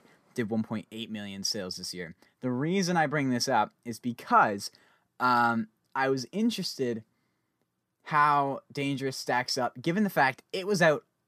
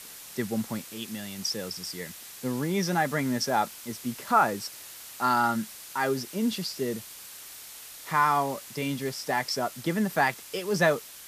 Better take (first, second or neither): first